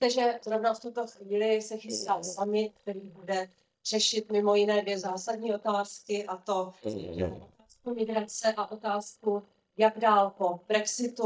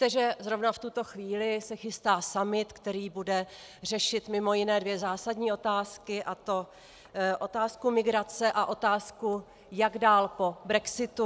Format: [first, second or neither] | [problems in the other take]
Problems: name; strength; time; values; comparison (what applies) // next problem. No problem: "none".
second | noise reduction (neural mask model DeepFilterNet 3)